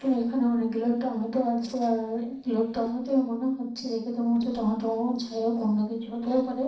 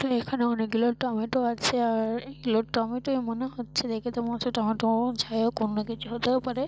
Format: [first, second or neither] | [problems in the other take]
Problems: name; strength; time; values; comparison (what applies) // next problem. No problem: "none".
second | noise reduction (neural separator model SepFormer DNS4)